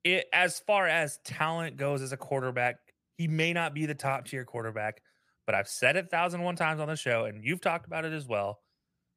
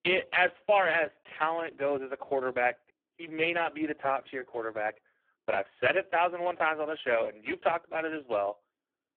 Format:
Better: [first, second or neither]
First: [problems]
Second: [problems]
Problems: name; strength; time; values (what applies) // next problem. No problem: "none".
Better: first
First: none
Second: phone-call audio; poor line